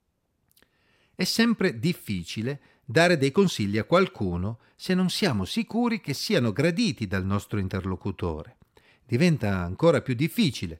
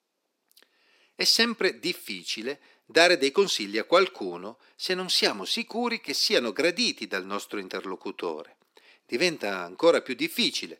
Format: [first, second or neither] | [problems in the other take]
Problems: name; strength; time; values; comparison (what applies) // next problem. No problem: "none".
first | thin; somewhat; fading below 300 Hz